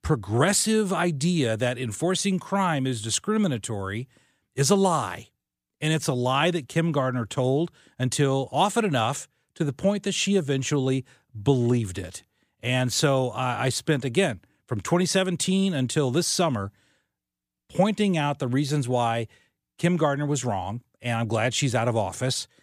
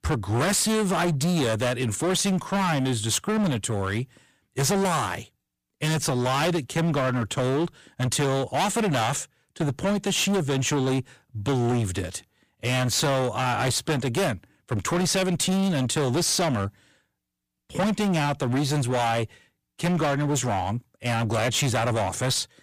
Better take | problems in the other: first | distortion; heavy; 23% of the sound clipped

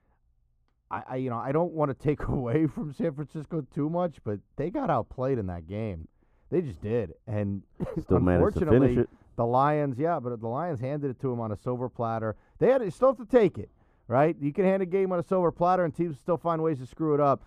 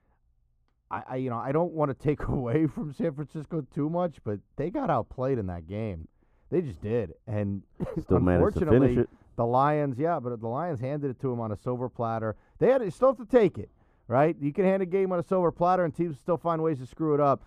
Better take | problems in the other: neither | muffled; very; fading above 1.5 kHz; the same in both

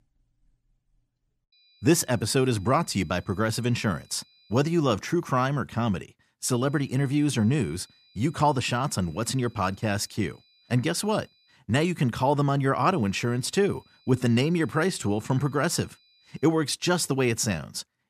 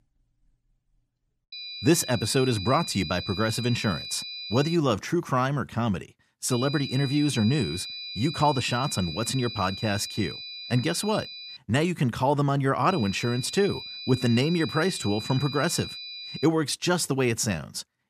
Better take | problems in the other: first | high-pitched whine; loud; from 1.5 to 5 s, from 6.5 to 12 s and from 13 to 16 s; 4 kHz, 9 dB below the speech; faint in the first

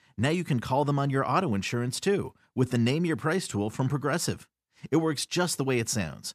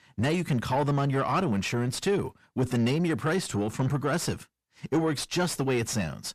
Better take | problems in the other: first | distortion; slight; 10 dB below the speech

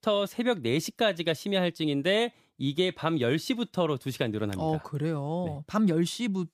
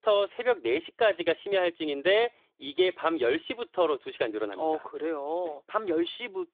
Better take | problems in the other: first | phone-call audio; nothing above 3.5 kHz

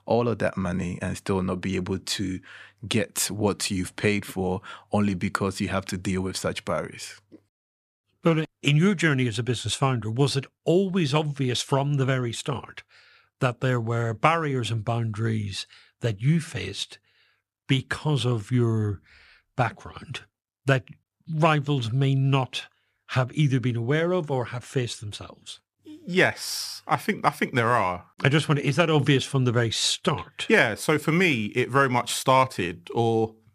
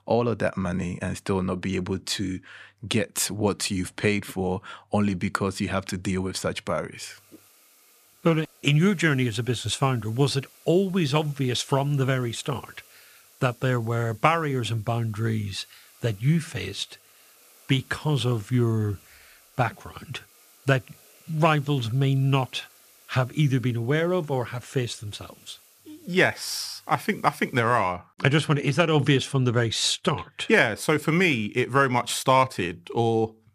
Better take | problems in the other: first | hiss; faint; from 7 to 28 s; 25 dB below the speech

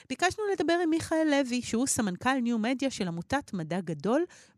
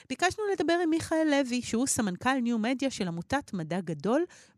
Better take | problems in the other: neither | none

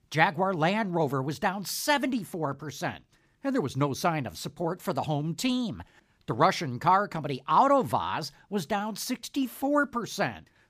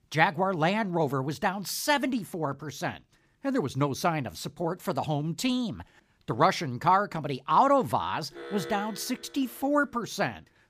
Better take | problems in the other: first | alarm; faint; from 8.5 to 9.5 s; peak 10 dB below the speech

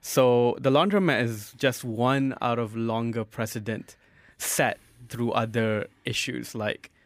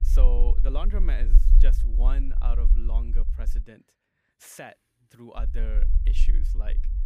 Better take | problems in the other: first | low rumble; loud; until 3.5 s and from 5.5 s on; 8 dB below the speech

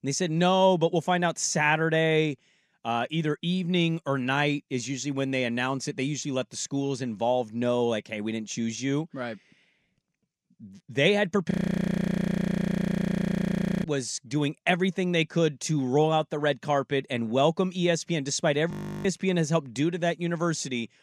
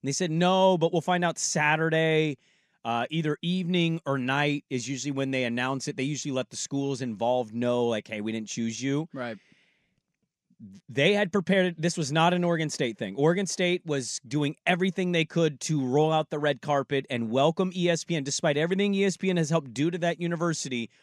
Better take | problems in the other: second | audio freezing; at 12 s for 2.5 s and at 19 s

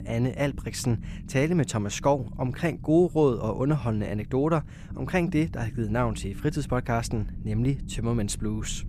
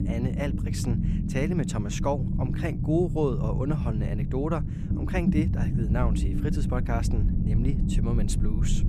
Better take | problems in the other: first | low rumble; loud; throughout; 5 dB below the speech; faint in the first

